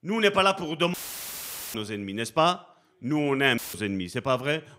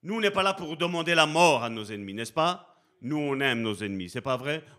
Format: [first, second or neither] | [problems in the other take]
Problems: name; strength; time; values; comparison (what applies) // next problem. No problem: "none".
second | audio cutting out; filled with static; at 1 s for 1 s and at 3.5 s